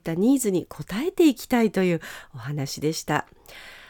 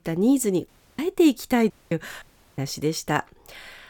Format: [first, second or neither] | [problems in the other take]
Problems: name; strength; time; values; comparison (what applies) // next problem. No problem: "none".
first | audio cutting out; at 0.5 s, at 1.5 s and at 2 s